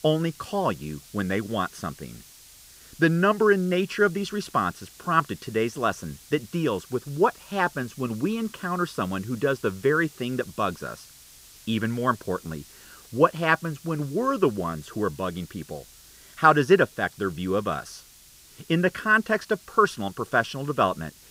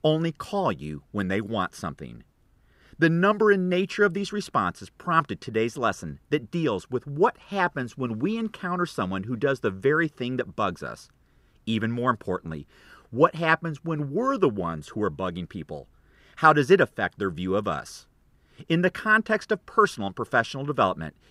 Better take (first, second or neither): second